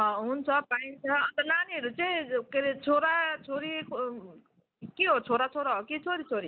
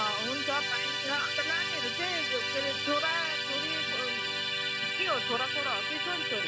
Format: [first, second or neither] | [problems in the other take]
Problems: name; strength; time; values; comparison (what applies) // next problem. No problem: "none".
first | background sound (Musical instrument); 4 dB above the speech